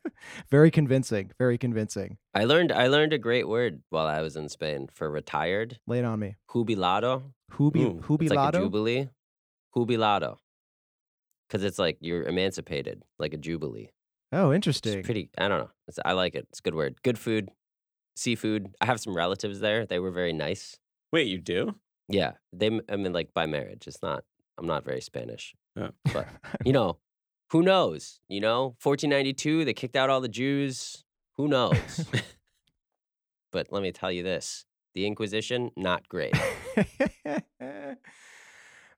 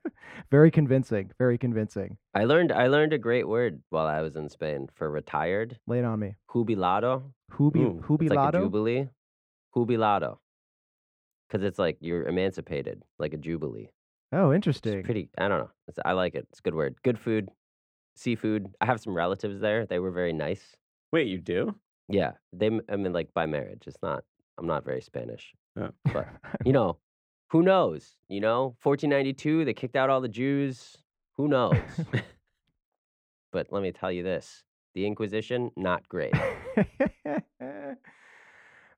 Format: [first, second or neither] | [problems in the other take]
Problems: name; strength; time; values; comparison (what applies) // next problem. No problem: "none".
first | muffled; slightly; fading above 3 kHz